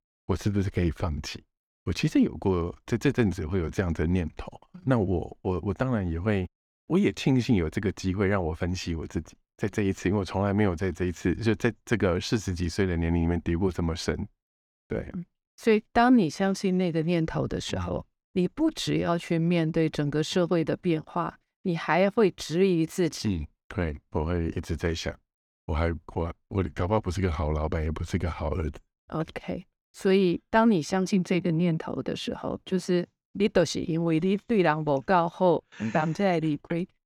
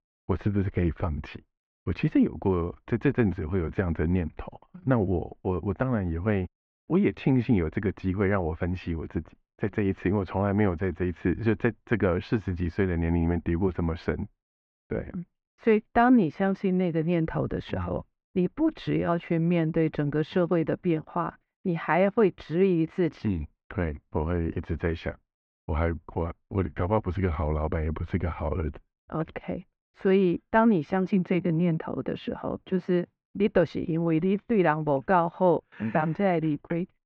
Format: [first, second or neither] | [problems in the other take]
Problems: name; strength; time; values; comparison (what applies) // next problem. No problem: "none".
first | muffled; very; fading above 2.5 kHz